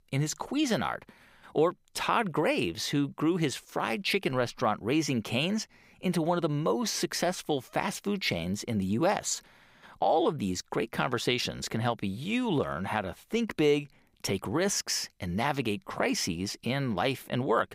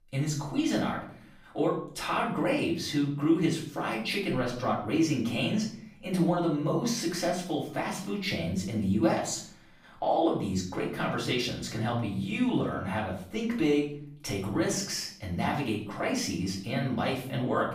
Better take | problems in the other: first | off-mic speech; far // room echo; slight; dies away in 0.5 s

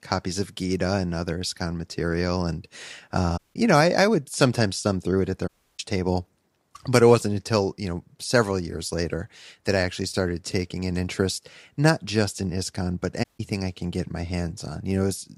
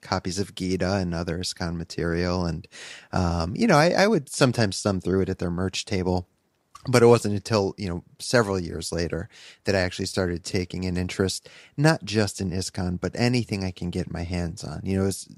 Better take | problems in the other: second | audio cutting out; at 3.5 s, at 5.5 s and at 13 s

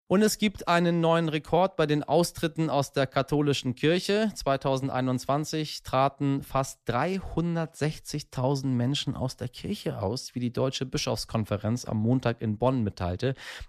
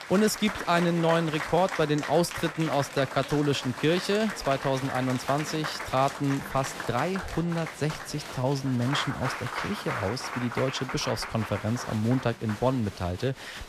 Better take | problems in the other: first | crowd noise; loud; throughout; 8 dB below the speech

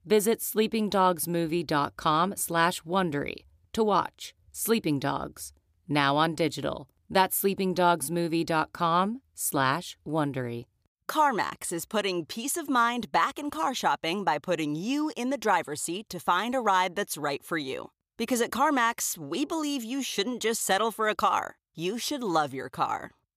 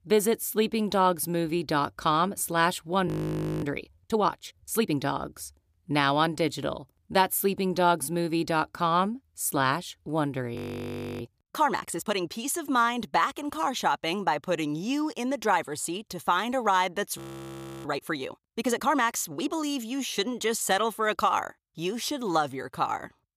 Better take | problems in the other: first | audio freezing; at 3 s for 0.5 s, at 11 s for 0.5 s and at 17 s for 0.5 s

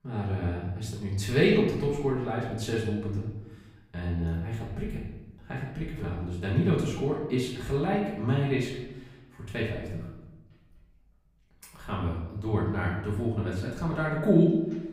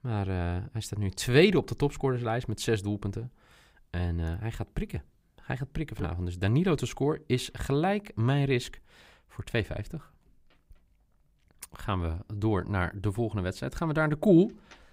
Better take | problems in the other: second | off-mic speech; far // room echo; noticeable; dies away in 0.9 s

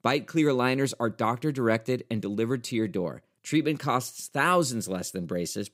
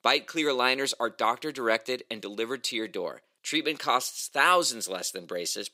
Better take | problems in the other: first | thin; somewhat; fading below 500 Hz

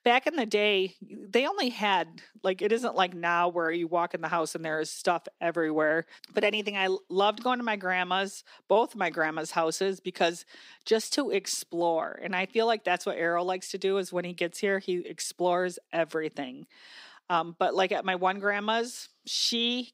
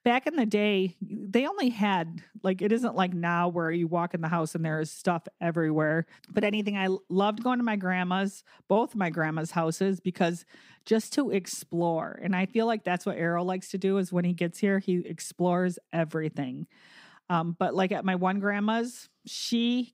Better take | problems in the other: second | thin; somewhat; fading below 400 Hz

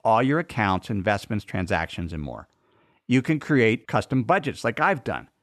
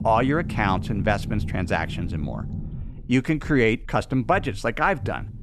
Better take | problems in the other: first | low rumble; noticeable; throughout; 20 dB below the speech

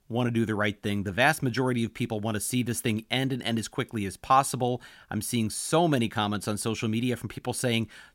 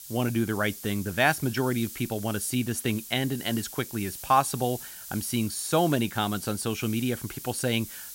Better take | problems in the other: first | hiss; noticeable; throughout; 10 dB below the speech

